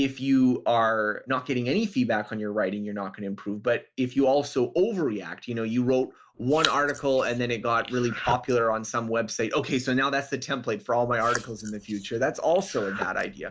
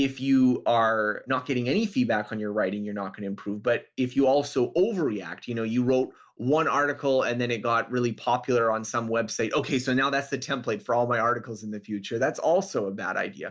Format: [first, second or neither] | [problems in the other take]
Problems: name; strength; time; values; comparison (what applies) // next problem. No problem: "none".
second | noise reduction (neural mask model Resemble Enhance denoiser)